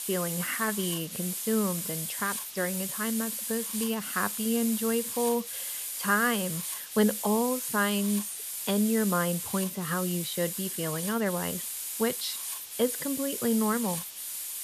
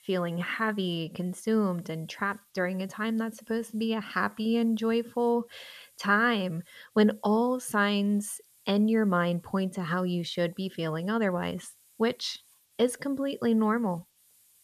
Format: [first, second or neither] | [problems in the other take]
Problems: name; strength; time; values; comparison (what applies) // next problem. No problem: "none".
second | hiss; loud; throughout; 3 dB below the speech; faint in the second